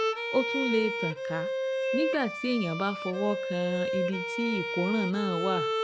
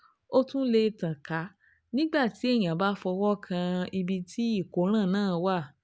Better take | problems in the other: second | background sound (Bowed string instrument); 1 dB below the speech

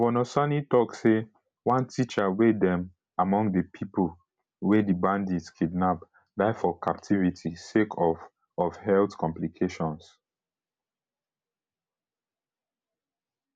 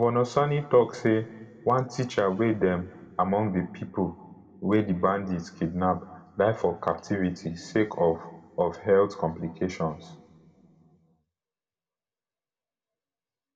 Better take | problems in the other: first | room echo; dies away in 1.2 s

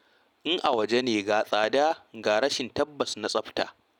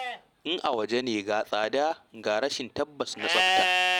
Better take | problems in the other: first | background sound (Livestock, farm animals, working animals); as loud as the speech

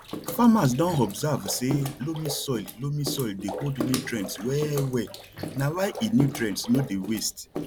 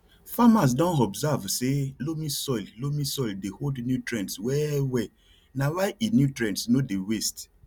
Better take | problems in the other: second | background sound (Bathtub (filling or washing) / Water / Splash, splatter); 10 dB below the speech

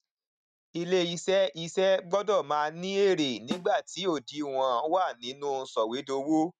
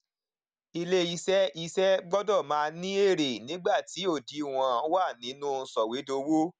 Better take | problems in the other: second | noise reduction (neural mask model RNNoise)

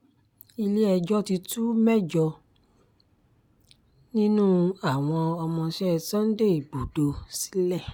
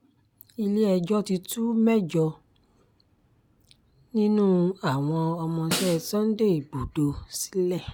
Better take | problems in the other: first | background sound (Snare drum); 9 dB below the speech

